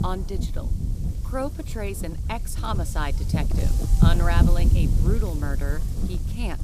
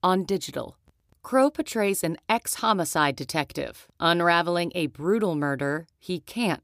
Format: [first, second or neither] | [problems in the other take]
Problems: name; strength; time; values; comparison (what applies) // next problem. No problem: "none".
second | wind noise on the microphone; heavy; 5 dB below the speech